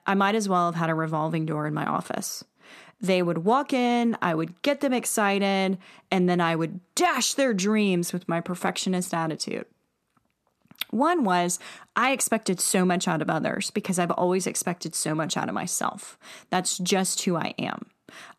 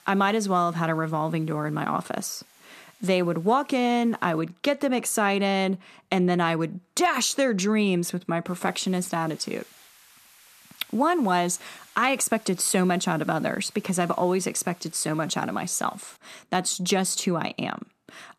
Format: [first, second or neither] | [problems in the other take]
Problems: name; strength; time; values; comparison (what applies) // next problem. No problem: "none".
first | hiss; faint; until 4.5 s and from 8.5 to 16 s; 25 dB below the speech